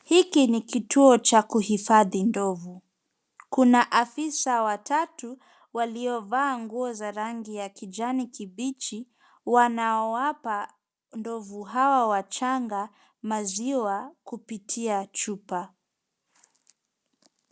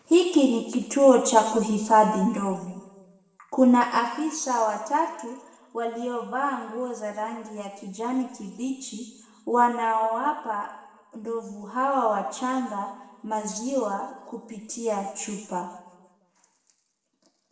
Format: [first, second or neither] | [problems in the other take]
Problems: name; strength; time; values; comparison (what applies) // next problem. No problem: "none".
first | room echo; dies away in 1.2 s